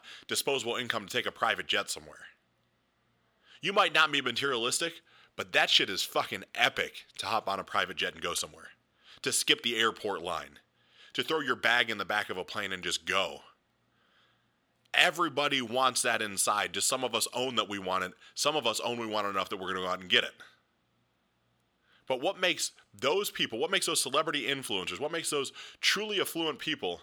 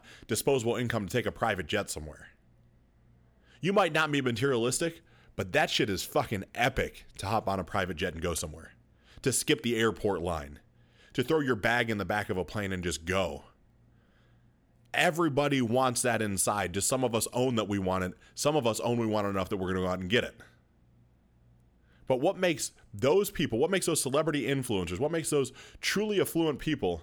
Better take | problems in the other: second | thin; somewhat; fading below 1 kHz

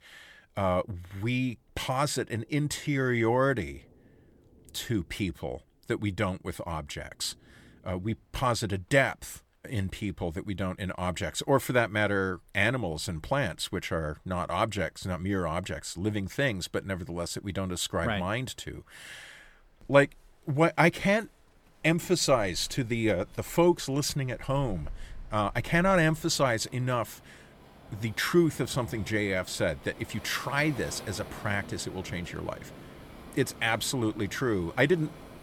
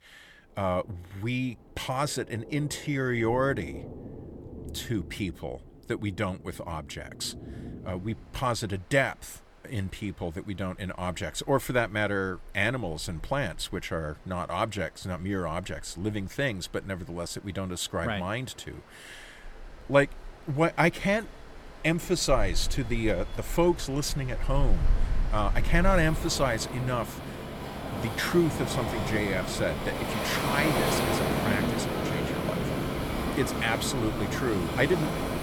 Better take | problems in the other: first | rain or running water; loud; throughout; 3 dB below the speech; faint in the first

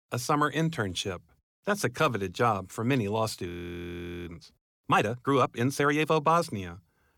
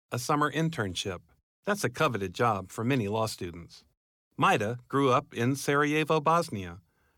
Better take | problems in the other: second | audio freezing; at 3.5 s for 1 s

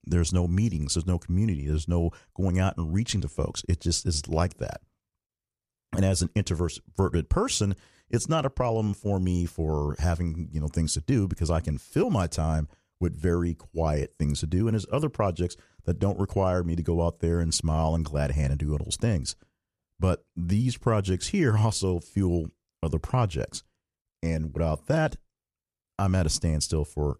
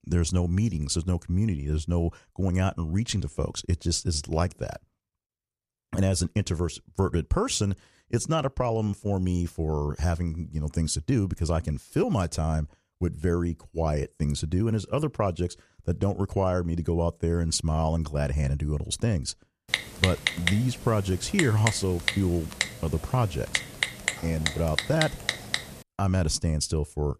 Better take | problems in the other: first | keyboard typing; loud; from 20 to 26 s; peak 1 dB above the speech

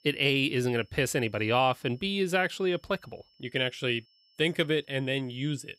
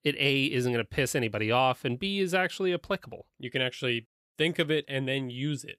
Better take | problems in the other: second | high-pitched whine; faint; throughout; 5.5 kHz, 35 dB below the speech

